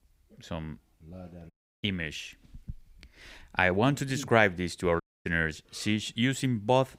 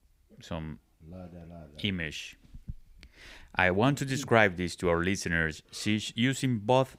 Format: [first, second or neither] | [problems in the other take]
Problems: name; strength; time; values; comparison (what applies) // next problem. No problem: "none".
second | audio cutting out; at 1.5 s and at 5 s